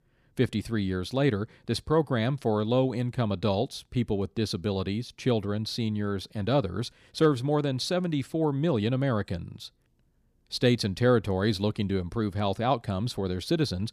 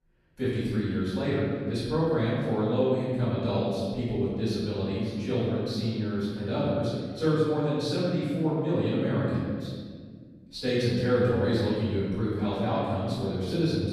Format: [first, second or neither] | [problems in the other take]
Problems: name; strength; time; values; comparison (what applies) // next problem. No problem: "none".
first | room echo; strong; dies away in 1.8 s // off-mic speech; far